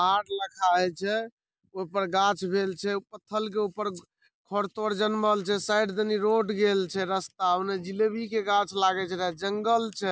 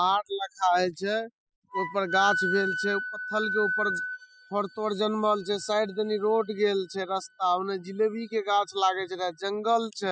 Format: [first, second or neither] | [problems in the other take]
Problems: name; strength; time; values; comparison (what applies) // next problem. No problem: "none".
first | noise reduction (classical method spectral subtraction)